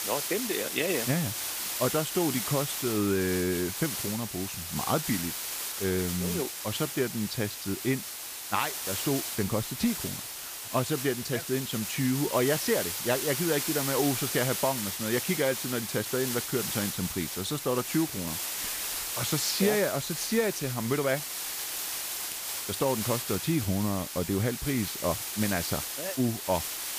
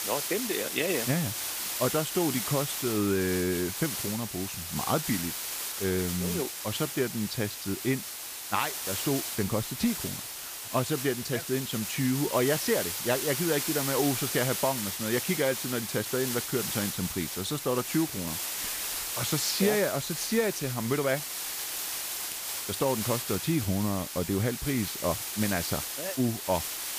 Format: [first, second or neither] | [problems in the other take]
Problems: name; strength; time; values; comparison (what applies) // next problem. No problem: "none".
neither | hiss; loud; throughout; 2 dB below the speech; the same in both